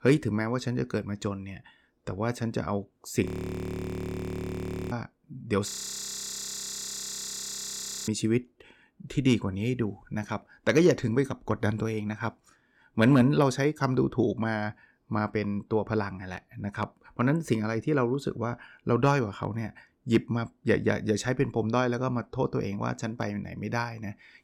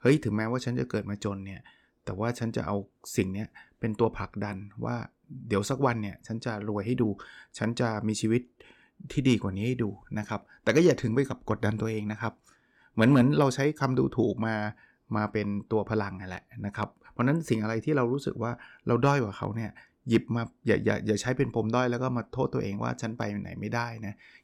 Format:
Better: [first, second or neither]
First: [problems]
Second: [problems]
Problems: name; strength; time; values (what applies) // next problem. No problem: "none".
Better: second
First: audio freezing; at 3.5 s for 1.5 s and at 5.5 s for 2.5 s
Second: none